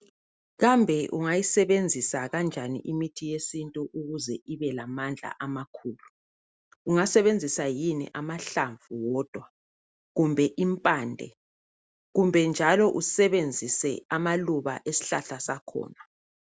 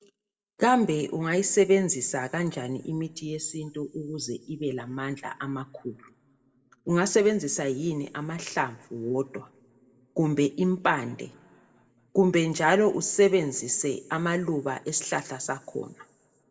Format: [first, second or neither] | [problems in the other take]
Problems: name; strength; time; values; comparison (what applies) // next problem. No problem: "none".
first | room echo; dies away in 1.7 s